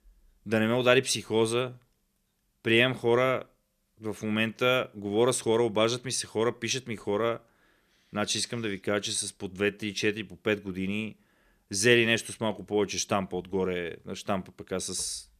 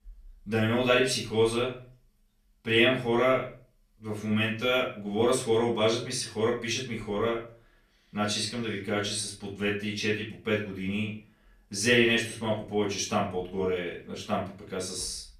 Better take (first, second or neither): first